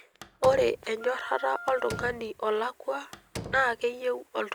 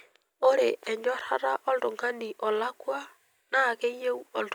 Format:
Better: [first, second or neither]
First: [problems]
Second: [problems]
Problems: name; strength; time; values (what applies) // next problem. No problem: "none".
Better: second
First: background sound (Slam + Wind instrument, woodwind instrument); 13 dB below the speech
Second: none